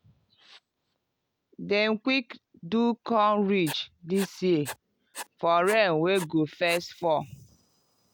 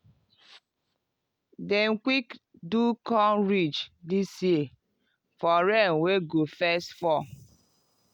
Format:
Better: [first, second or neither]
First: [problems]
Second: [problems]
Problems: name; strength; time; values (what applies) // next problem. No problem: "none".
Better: second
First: background sound (Writing); 16 dB below the speech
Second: none